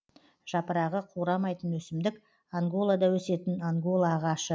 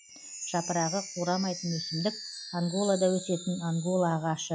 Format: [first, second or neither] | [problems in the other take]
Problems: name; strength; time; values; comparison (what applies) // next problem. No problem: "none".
first | noise reduction (classical method log-MMSE)